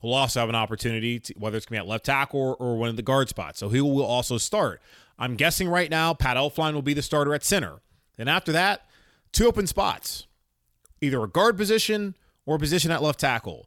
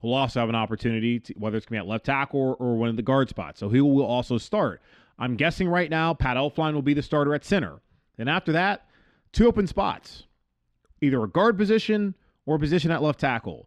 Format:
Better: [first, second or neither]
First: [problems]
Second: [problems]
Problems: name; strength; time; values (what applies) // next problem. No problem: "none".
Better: first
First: none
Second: muffled; slightly; fading above 3 kHz